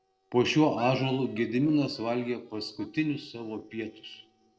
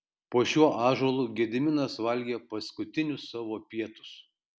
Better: second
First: noise reduction (neural separator model SepFormer DNS4)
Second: none

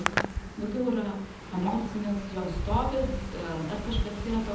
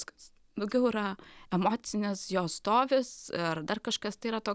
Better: second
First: background sound (Hands); 2 dB below the speech // room echo; dies away in 1 s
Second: none

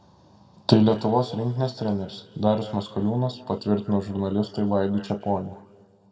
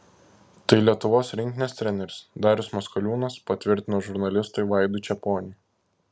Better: second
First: room echo; dies away in 1.7 s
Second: none

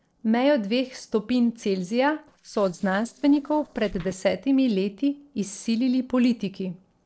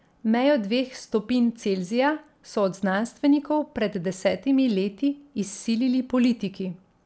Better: second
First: noise reduction (neural separator model SepFormer DNS4)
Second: none

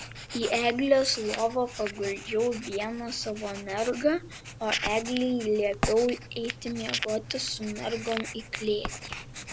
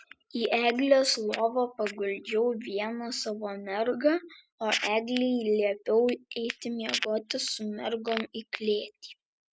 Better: second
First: background sound (Writing); 11 dB below the speech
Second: none

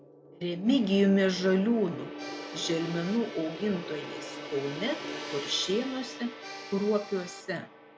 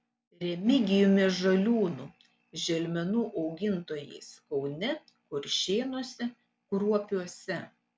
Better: second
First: background sound (Gong + Accordion); 11 dB below the speech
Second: none

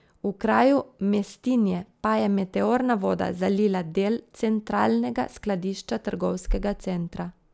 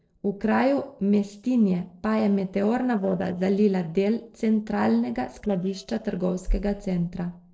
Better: first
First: none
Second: noise reduction (neural separator model SepFormer DNS4)

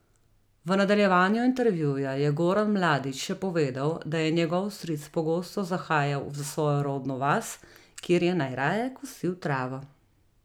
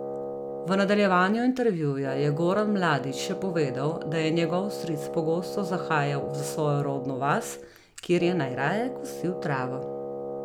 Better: first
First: none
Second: background sound (Wind instrument, woodwind instrument); 8 dB below the speech

